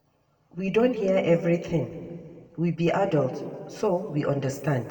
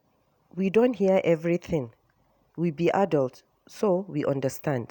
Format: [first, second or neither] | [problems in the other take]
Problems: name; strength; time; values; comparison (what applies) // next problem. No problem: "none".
second | room echo; dies away in 1.8 s